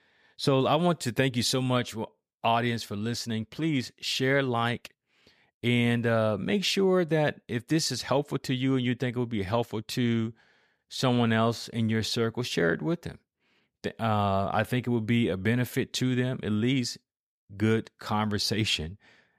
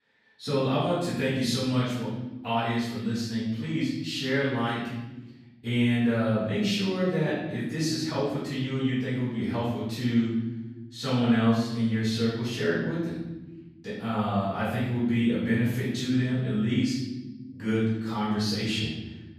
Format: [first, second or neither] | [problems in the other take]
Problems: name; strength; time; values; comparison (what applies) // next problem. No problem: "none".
first | off-mic speech; far // room echo; strong; dies away in 1.2 s